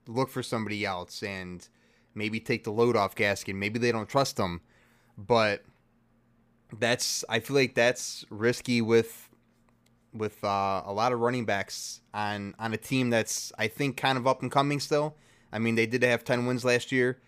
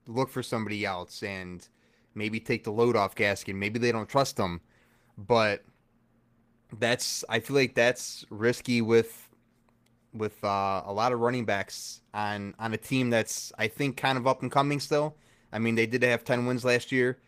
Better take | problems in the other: first | garbled, watery; slightly; nothing above 15 kHz

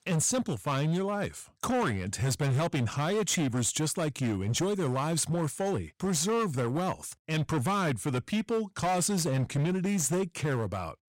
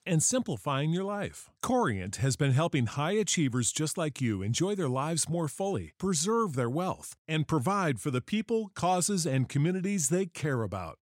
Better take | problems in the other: second | distortion; slight; 18% of the sound clipped

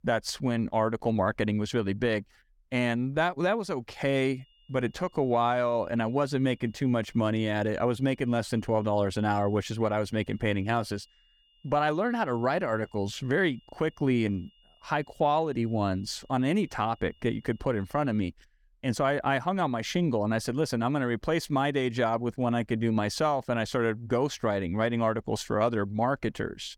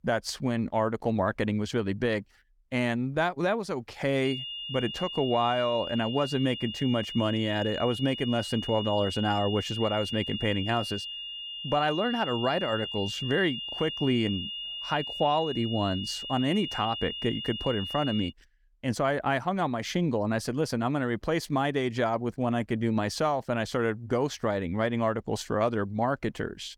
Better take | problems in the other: first | high-pitched whine; loud; from 4.5 to 18 s; 3 kHz, 6 dB below the speech; faint in the first

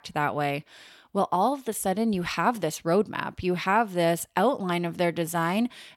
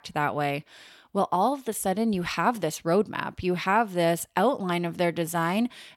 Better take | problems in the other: neither | none

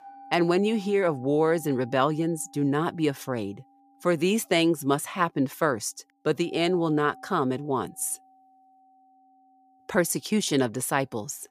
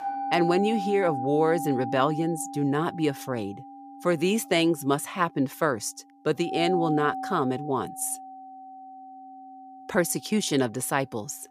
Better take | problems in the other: first | background music; loud; throughout; 9 dB below the speech; faint in the first

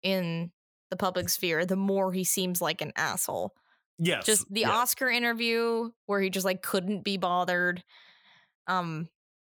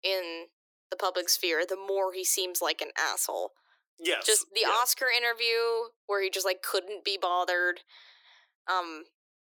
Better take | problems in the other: first | thin; very; fading below 300 Hz

